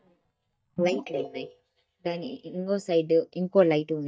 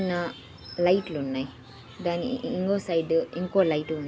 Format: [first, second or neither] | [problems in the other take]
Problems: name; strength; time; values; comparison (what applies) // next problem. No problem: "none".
second | noise reduction (neural mask model DeepFilterNet 3)